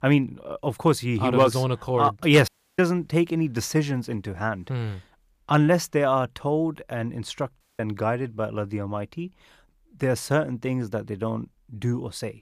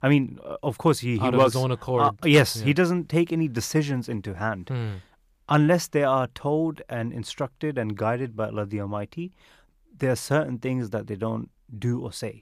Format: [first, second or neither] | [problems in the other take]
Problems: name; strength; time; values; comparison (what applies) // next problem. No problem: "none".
second | audio cutting out; at 2.5 s and at 7.5 s